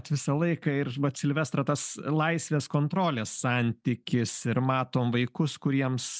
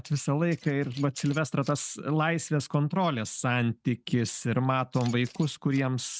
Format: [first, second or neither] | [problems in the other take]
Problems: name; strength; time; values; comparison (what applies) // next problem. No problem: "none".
first | noise reduction (neural mask model RNNoise)